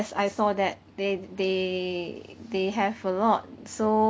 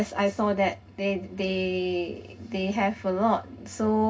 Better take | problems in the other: first | room echo; dies away in 0.3 s

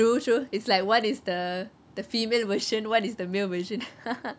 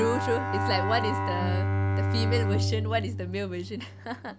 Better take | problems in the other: first | background sound (Bowed string instrument); 3 dB above the speech

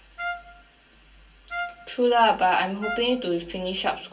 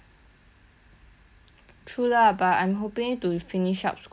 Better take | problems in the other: second | background sound (Trumpet); 12 dB below the speech // room echo; dies away in 0.2 s

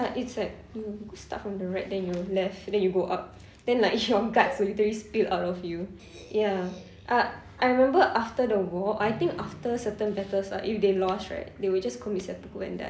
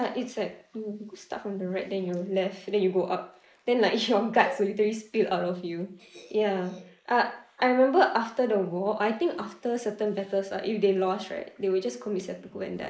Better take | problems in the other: first | noise reduction (neural mask model Resemble Enhance denoiser)

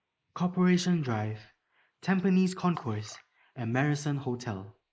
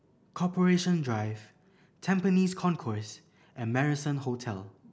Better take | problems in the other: second | noise reduction (neural mask model Resemble Enhance denoiser)

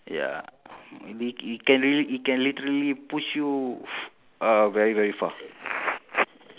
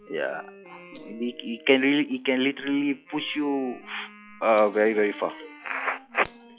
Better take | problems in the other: first | noise reduction (classical method log-MMSE)

